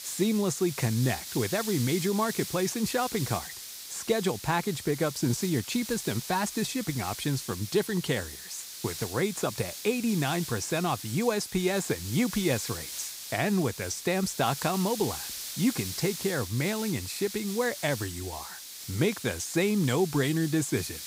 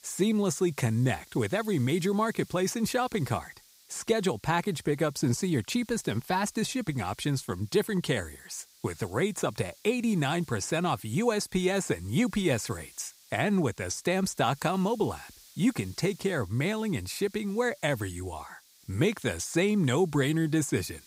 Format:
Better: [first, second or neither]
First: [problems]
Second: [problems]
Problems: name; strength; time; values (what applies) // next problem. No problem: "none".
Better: second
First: hiss; loud; throughout; 8 dB below the speech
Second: hiss; faint; throughout; 25 dB below the speech